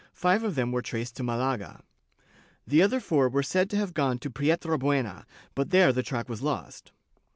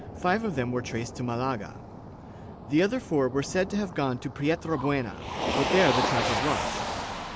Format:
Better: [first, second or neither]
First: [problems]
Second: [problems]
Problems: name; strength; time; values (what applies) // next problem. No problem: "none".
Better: first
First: none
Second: background sound (Motor vehicle (road)); 4 dB below the speech